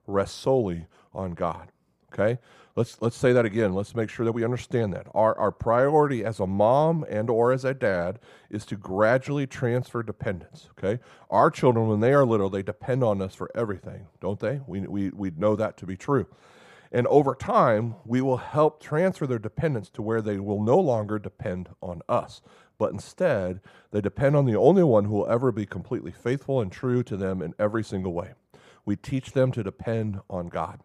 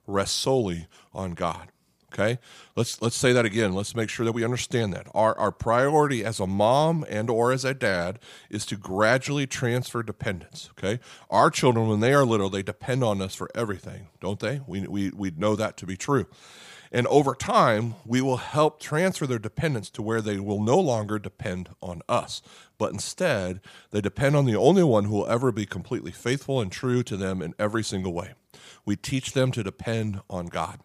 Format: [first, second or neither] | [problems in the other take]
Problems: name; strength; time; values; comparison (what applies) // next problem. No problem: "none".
second | muffled; slightly; fading above 2 kHz